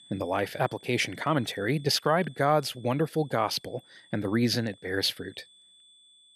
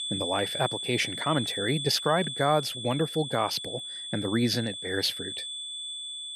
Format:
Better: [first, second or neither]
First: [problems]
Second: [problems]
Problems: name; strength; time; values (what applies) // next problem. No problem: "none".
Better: first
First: high-pitched whine; faint; throughout; 3.5 kHz, 25 dB below the speech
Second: high-pitched whine; loud; throughout; 3.5 kHz, 5 dB below the speech